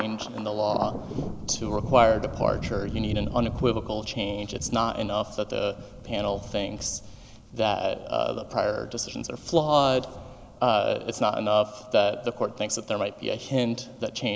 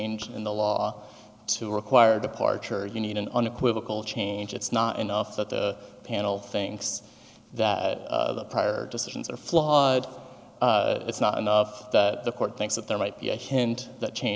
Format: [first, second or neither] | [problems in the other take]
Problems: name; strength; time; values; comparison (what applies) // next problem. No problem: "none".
second | background sound (Thunder); 11 dB below the speech